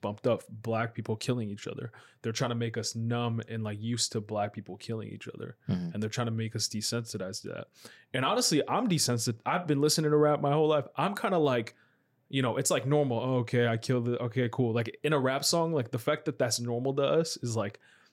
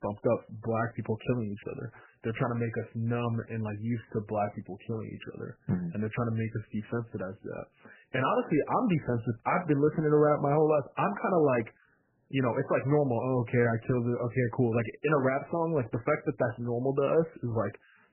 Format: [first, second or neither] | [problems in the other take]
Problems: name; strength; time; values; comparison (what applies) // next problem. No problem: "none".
first | garbled, watery; badly; nothing above 3 kHz